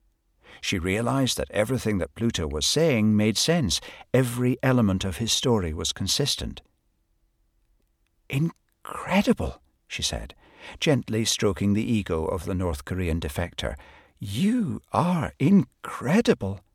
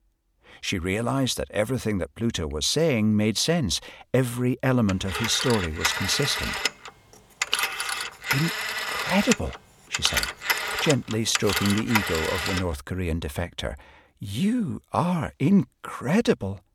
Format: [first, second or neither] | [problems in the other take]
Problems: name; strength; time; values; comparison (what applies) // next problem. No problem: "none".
first | phone ringing; loud; from 5 to 13 s; peak 2 dB above the speech